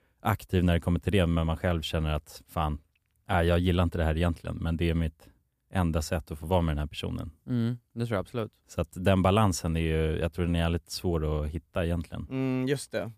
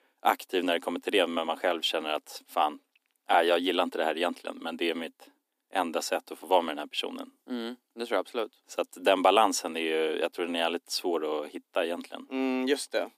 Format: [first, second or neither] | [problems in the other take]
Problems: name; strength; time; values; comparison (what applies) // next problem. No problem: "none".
first | thin; somewhat; fading below 250 Hz